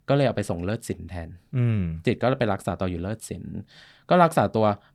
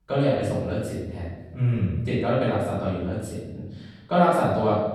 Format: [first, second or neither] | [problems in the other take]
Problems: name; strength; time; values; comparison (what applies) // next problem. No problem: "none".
first | room echo; noticeable; dies away in 1.1 s // off-mic speech; far